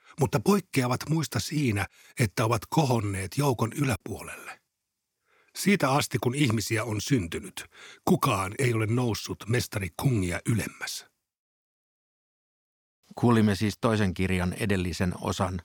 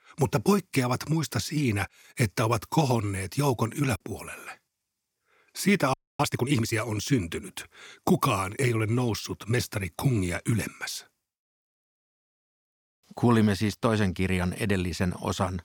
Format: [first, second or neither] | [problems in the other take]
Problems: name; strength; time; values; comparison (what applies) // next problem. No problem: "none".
first | audio freezing; at 6 s